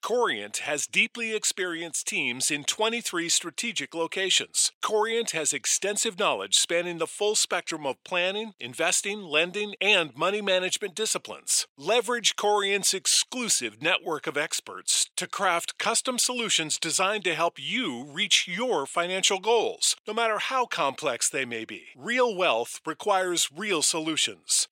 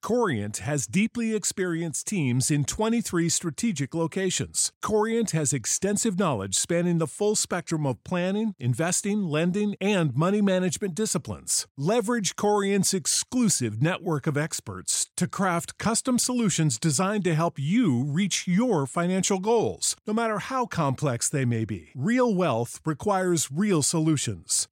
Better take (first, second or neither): second